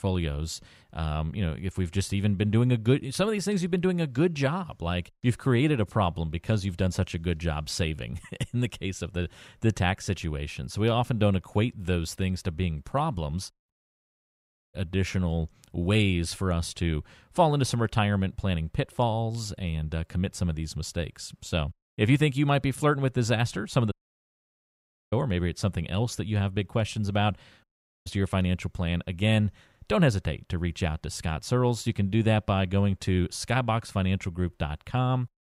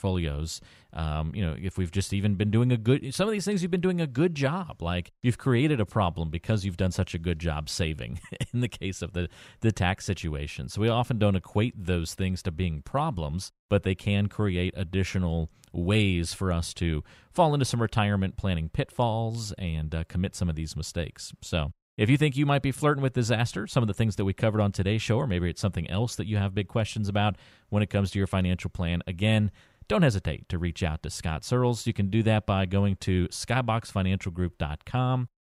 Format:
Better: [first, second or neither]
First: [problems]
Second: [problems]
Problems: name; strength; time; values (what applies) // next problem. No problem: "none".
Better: second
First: audio cutting out; at 14 s for 1 s, at 24 s for 1 s and at 28 s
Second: none